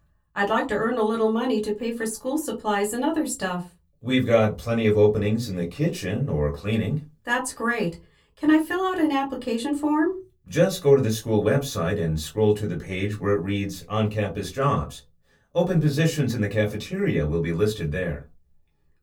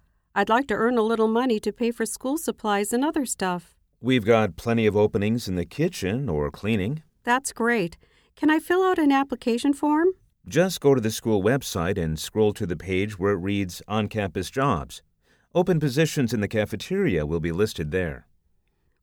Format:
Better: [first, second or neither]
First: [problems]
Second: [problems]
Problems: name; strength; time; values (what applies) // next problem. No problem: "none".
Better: second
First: off-mic speech; far // room echo; very slight; dies away in 0.2 s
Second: none